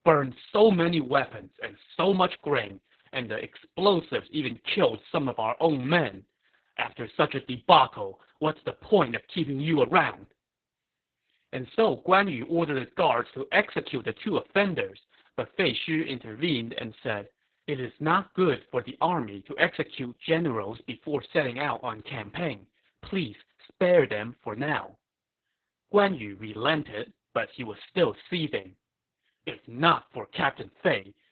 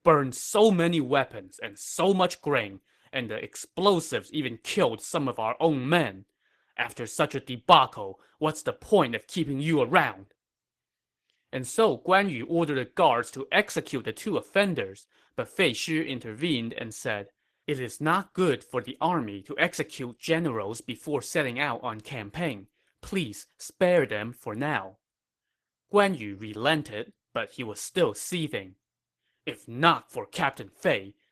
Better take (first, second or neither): second